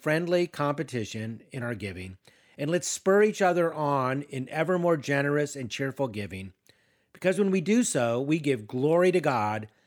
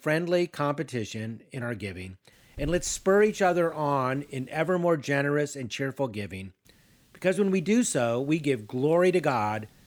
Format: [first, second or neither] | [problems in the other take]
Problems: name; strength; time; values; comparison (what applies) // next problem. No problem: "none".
first | hiss; faint; from 2.5 to 5 s and from 6.5 s on; 25 dB below the speech